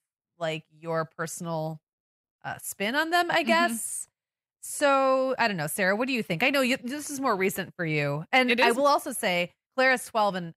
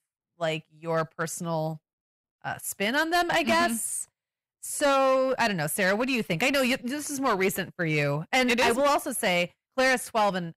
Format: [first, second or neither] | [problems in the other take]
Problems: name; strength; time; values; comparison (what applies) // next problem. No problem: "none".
first | distortion; slight; 8% of the sound clipped